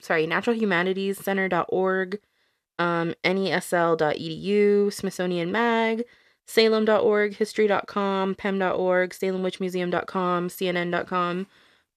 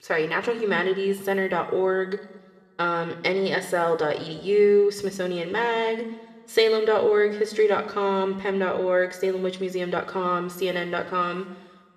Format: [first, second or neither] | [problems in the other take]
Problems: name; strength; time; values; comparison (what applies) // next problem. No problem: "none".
first | room echo; slight; dies away in 1.2 s